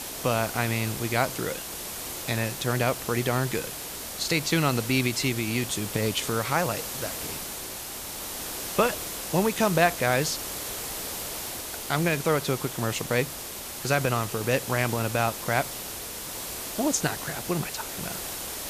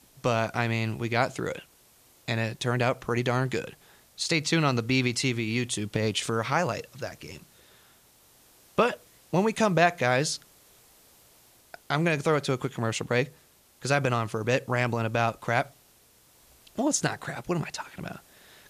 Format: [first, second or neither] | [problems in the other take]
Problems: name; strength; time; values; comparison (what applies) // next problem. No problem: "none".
second | hiss; loud; throughout; 6 dB below the speech; faint in the second